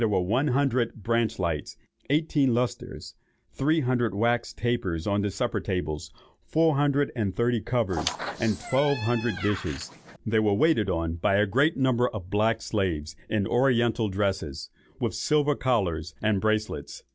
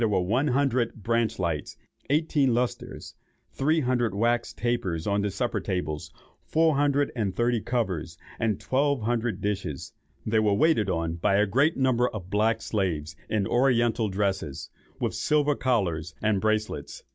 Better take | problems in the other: second | background sound (Squeak); 10 dB below the speech

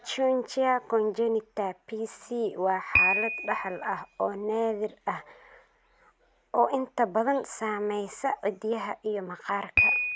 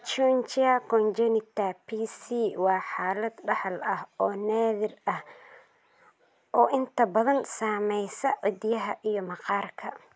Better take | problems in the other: second | background sound (Piano); 5 dB below the speech

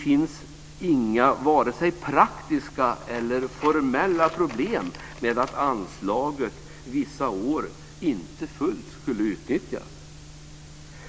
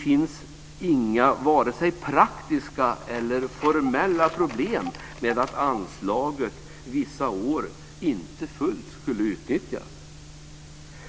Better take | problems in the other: first | background sound (Telephone); 18 dB below the speech

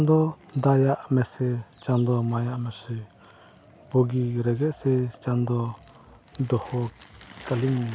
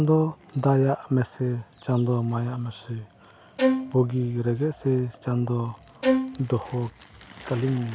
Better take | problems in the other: first | background sound (Bowed string instrument); 2 dB below the speech

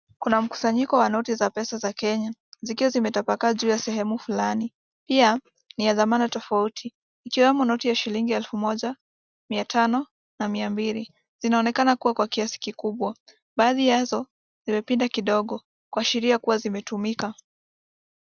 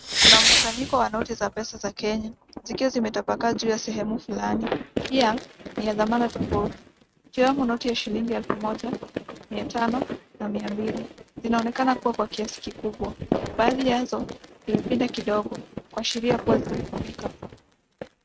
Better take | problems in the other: first | noise reduction (neural mask model RNNoise)

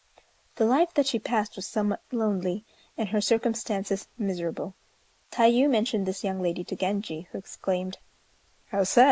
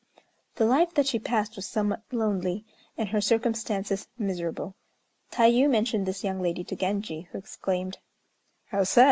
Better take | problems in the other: second | noise reduction (neural mask model Resemble Enhance denoiser)

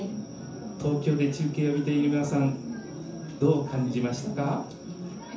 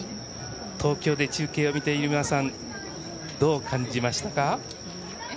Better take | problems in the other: second | room echo; dies away in 0.9 s

